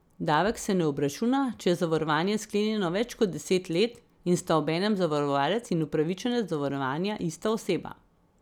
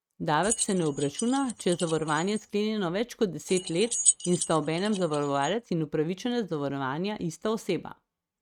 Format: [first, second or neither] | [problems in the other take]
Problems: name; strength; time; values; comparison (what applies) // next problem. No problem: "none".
first | noise reduction (neural mask model RNNoise)